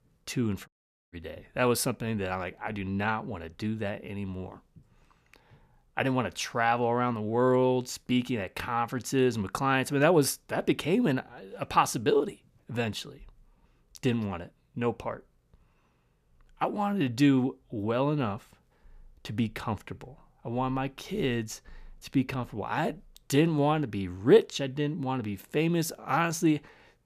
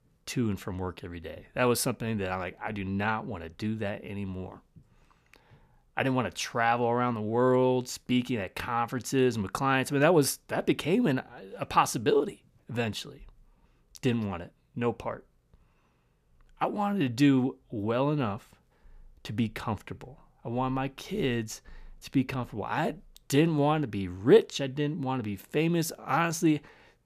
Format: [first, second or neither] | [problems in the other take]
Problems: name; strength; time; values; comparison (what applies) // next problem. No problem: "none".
second | audio cutting out; at 0.5 s